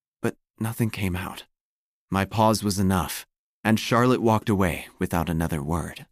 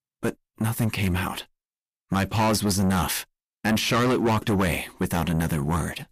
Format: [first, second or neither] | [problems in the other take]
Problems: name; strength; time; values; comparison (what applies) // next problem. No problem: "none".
first | distortion; heavy; 5 dB below the speech